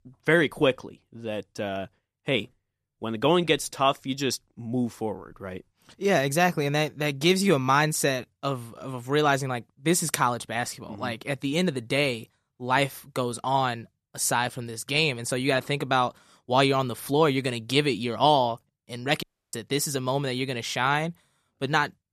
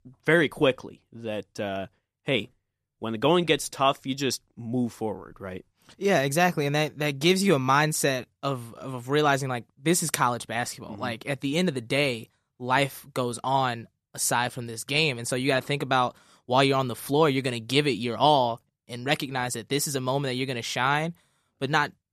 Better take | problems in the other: second | audio cutting out; at 19 s

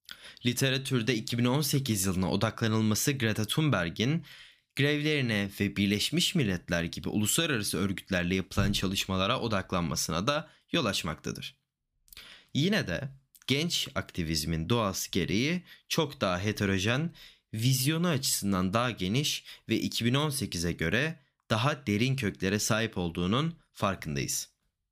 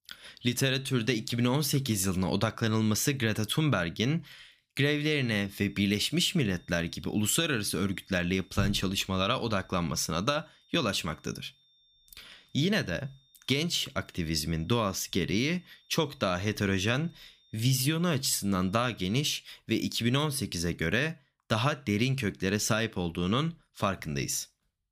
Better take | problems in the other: first | high-pitched whine; faint; from 5 to 19 s; 3.5 kHz, 35 dB below the speech

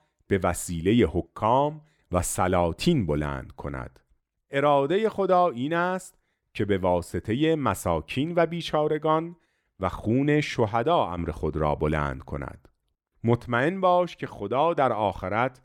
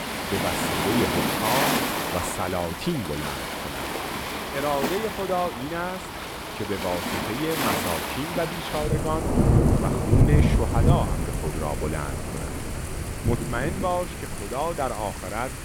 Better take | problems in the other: first | rain or running water; very loud; throughout; 3 dB above the speech

